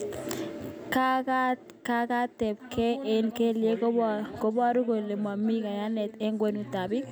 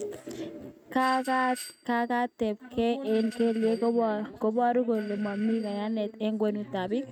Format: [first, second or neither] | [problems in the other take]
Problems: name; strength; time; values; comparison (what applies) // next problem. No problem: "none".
first | noise reduction (neural mask model RNNoise)